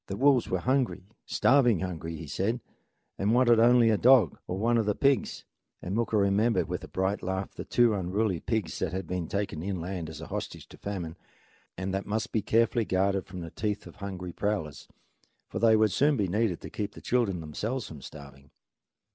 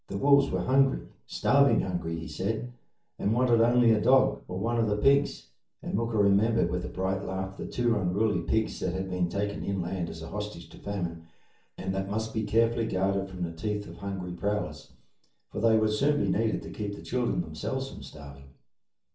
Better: first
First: none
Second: room echo; dies away in 0.4 s

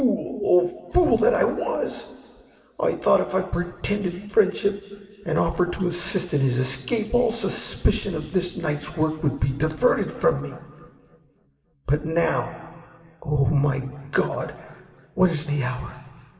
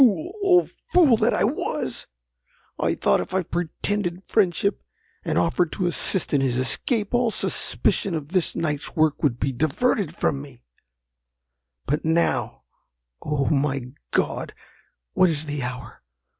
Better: second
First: room echo; dies away in 2.3 s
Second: none

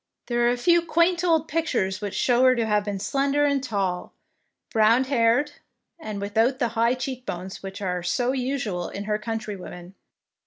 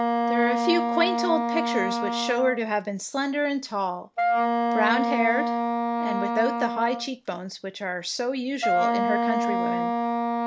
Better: first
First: none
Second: background sound (Wind instrument, woodwind instrument); 2 dB above the speech

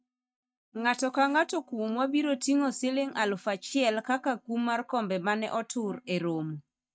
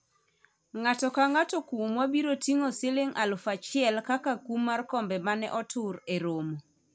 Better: second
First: noise reduction (neural mask model DeepFilterNet 3)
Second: none

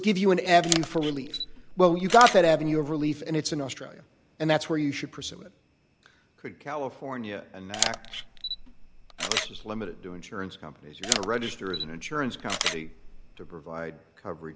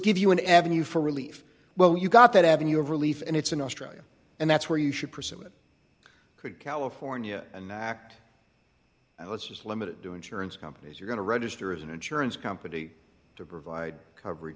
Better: second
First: background sound (Camera); 6 dB below the speech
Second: none

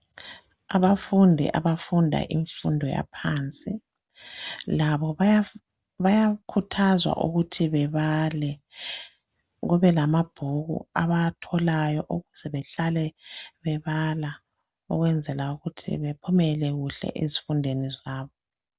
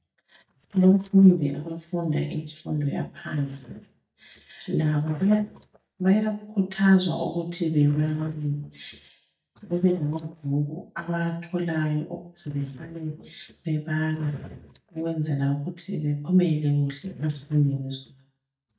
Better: first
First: none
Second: noise reduction (neural mask model DeepFilterNet 3)

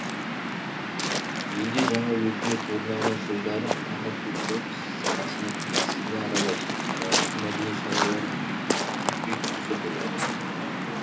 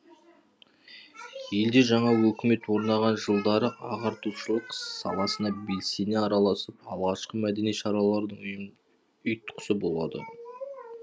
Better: second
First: background sound (Waves, surf); 4 dB above the speech // room echo; dies away in 0.3 s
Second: none

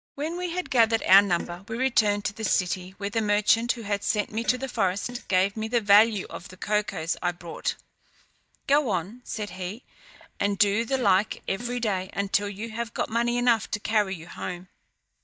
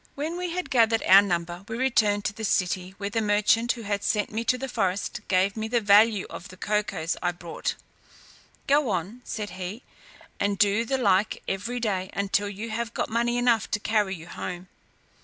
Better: second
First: noise reduction (neural mask model DeepFilterNet 3)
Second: none

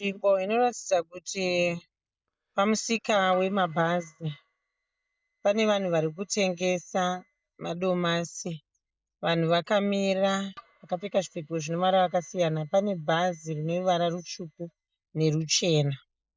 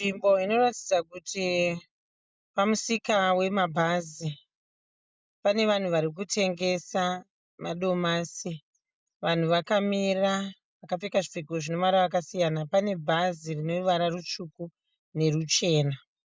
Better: second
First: noise reduction (neural mask model DeepFilterNet 3)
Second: none

